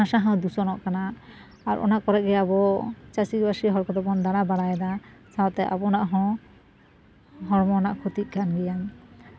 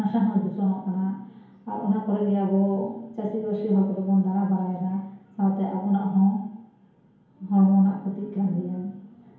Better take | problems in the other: first | room echo; dies away in 1 s

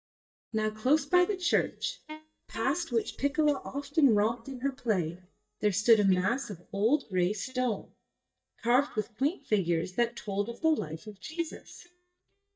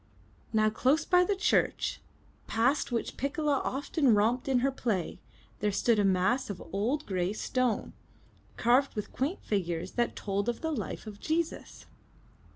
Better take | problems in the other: second | noise reduction (neural mask model DeepFilterNet 3)

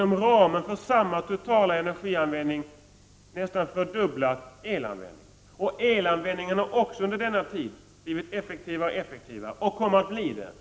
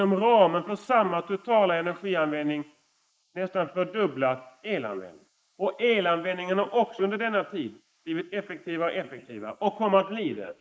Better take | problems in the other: first | noise reduction (neural mask model Resemble Enhance denoiser)

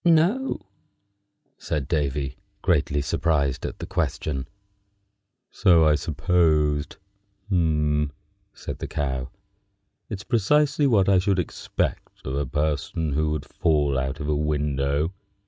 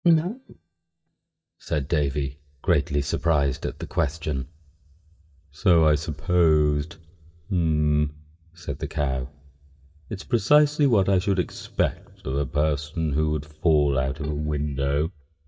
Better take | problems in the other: first | noise reduction (neural mask model DeepFilterNet 3)

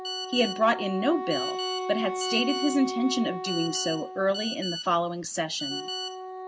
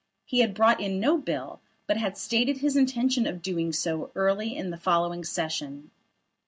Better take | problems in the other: second | background sound (Telephone + Wind instrument, woodwind instrument); 5 dB below the speech

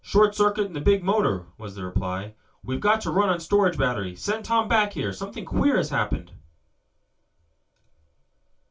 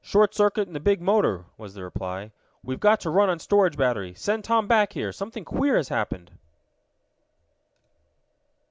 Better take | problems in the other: second | room echo; dies away in 0.2 s

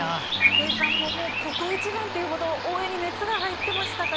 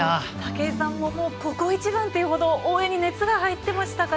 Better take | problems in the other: second | background sound (Bird vocalization, bird call, bird song); 2 dB above the speech

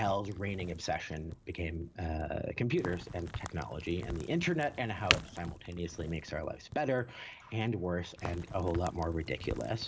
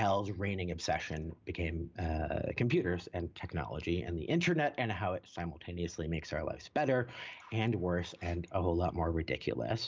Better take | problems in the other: second | background sound (Crack); 8 dB below the speech

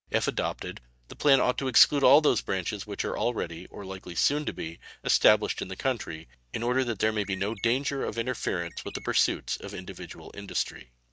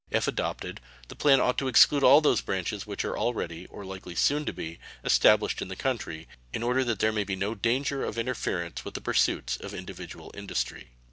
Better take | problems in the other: second | noise reduction (neural mask model RNNoise)

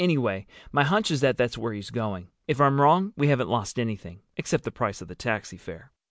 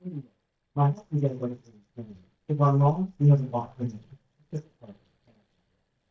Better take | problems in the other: first | noise reduction (neural mask model DeepFilterNet 3)

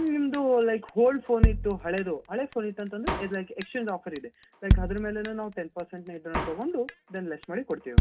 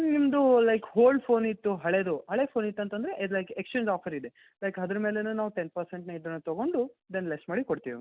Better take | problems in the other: second | background sound (Drum kit); 1 dB below the speech // room echo; dies away in 0.3 s

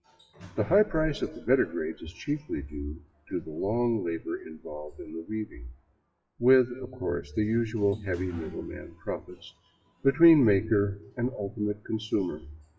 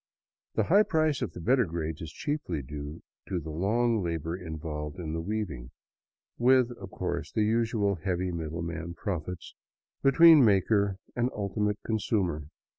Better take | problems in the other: second | noise reduction (classical method WPE with log-MMSE)

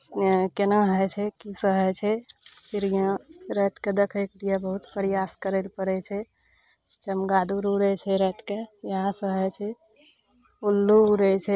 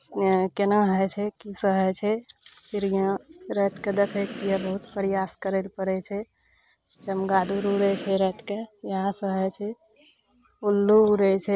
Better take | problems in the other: first | background sound (Breathing); 14 dB below the speech

